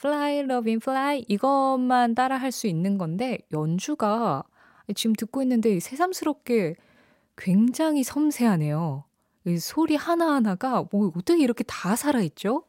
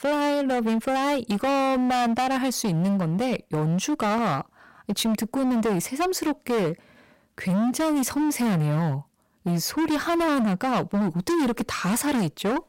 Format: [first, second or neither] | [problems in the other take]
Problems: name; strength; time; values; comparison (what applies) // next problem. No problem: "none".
first | distortion; heavy; 30% of the sound clipped